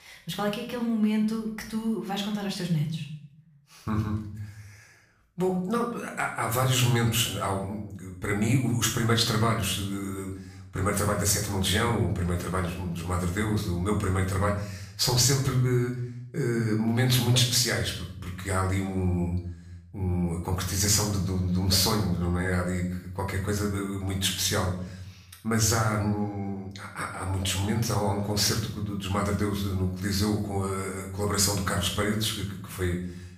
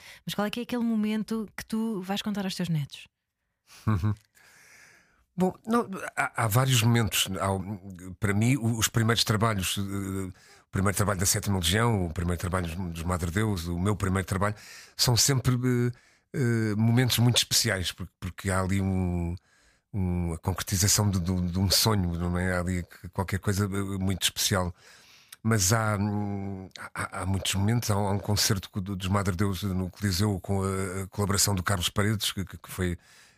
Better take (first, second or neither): second